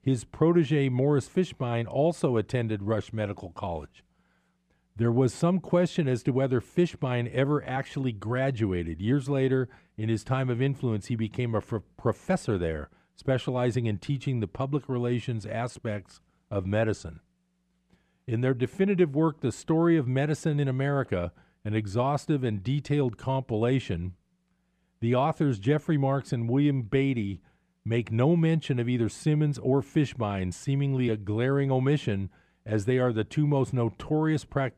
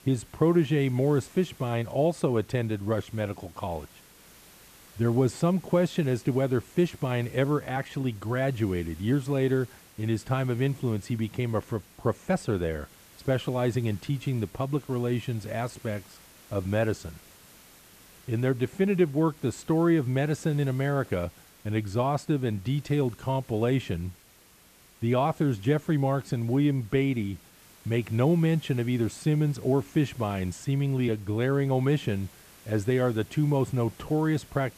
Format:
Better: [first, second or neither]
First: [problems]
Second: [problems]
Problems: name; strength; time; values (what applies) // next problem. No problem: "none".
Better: first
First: none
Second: hiss; faint; throughout; 25 dB below the speech